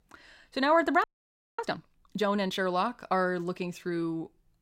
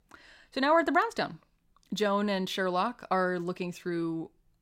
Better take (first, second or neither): second